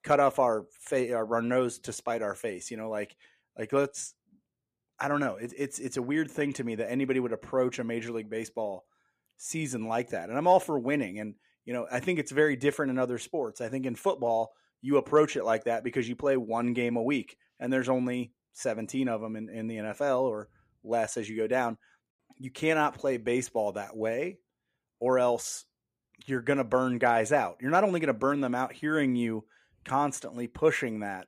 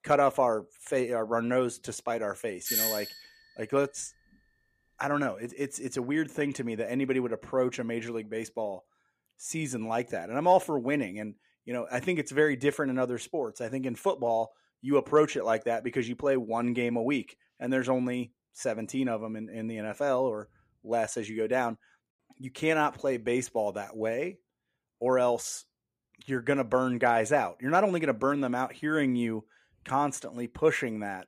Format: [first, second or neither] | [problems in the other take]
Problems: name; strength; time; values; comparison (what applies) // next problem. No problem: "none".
first | doorbell; loud; at 2.5 s; peak 3 dB above the speech